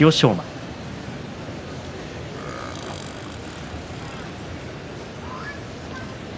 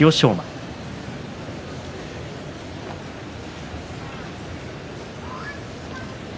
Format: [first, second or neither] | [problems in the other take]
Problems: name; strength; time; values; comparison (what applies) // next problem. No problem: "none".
second | background sound (Burping, eructation); 19 dB below the speech